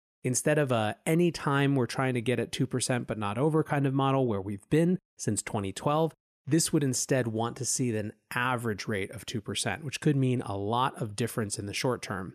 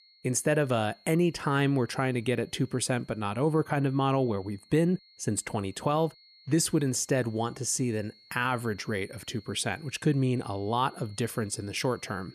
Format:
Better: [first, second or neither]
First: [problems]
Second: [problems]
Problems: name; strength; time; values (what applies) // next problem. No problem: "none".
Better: first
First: none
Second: high-pitched whine; faint; throughout; 4.5 kHz, 25 dB below the speech